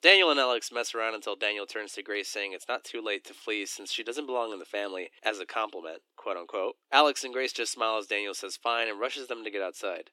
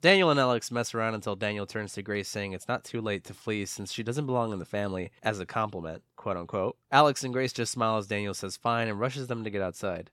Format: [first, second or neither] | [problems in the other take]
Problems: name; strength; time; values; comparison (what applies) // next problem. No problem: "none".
second | thin; somewhat; fading below 300 Hz